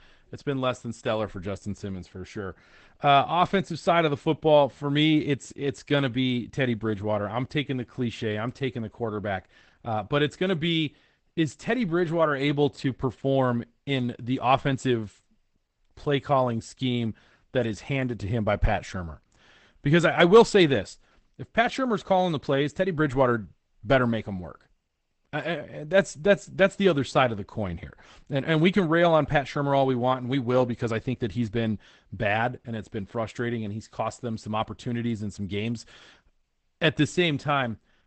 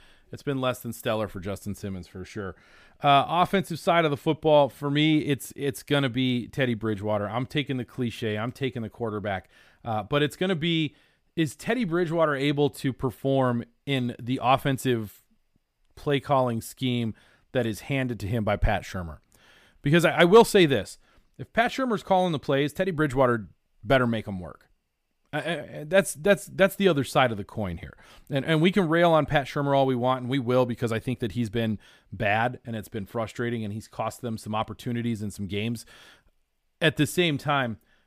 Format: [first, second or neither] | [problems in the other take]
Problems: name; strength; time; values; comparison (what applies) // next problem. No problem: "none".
second | garbled, watery; badly; nothing above 8 kHz